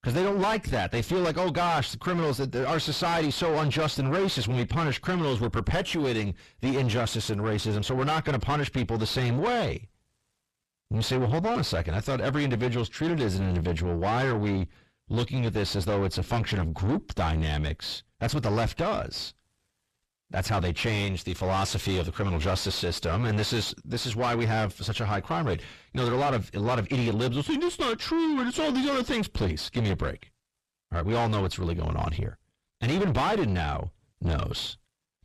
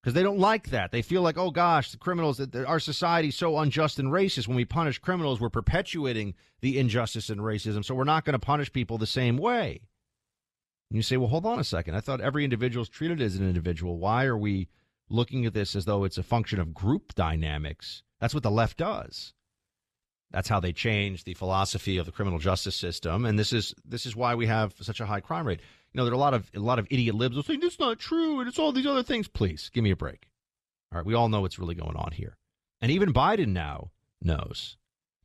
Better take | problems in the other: second | distortion; heavy; 4 dB below the speech

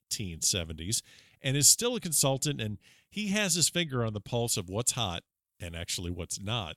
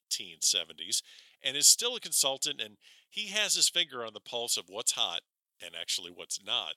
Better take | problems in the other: first | thin; very; fading below 500 Hz

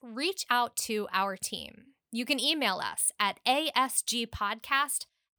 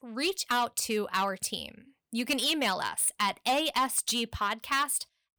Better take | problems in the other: first | distortion; slight; 4% of the sound clipped

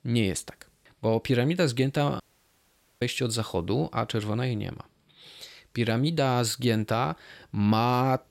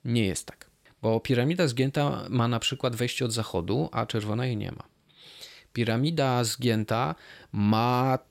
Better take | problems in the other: second | audio cutting out; at 2 s for 1 s

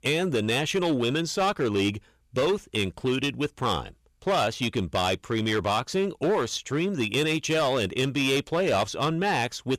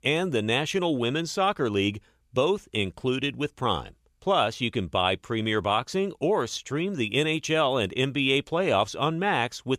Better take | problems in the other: second | distortion; slight; 10% of the sound clipped

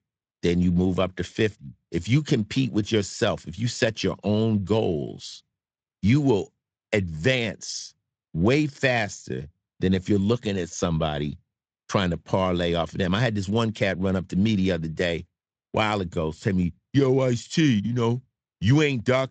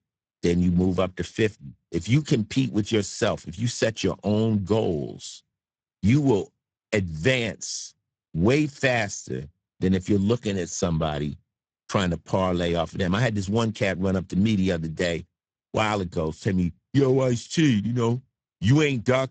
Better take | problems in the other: first | garbled, watery; badly; nothing above 7.5 kHz; slightly in the first

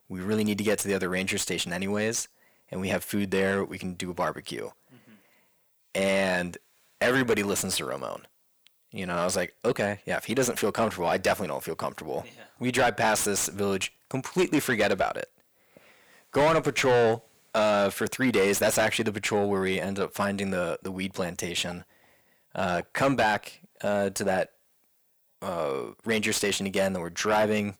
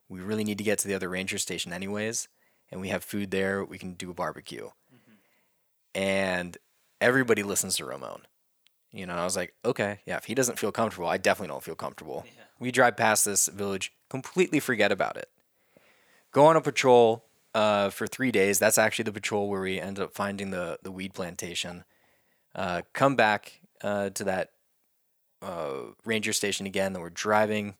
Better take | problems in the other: second | distortion; heavy; 7 dB below the speech

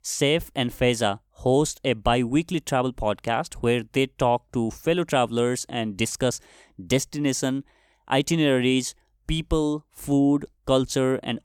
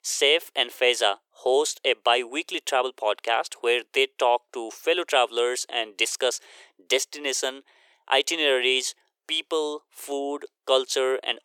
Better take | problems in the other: first | thin; very; fading below 400 Hz

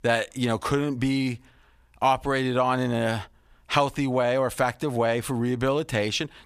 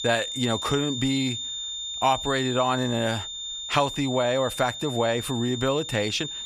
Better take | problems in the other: first | high-pitched whine; loud; throughout; 3.5 kHz, 6 dB below the speech

